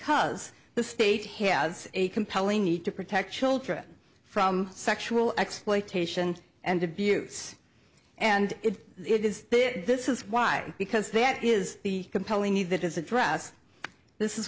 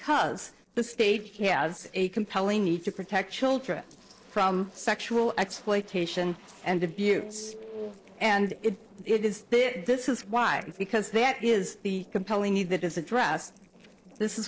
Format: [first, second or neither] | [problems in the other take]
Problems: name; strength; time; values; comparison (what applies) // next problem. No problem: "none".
first | noise reduction (neural separator model SepFormer DNS4)